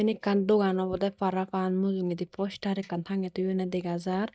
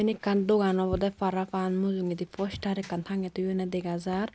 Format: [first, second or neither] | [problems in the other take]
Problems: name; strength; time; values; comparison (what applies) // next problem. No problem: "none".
second | noise reduction (neural mask model DeepFilterNet 3)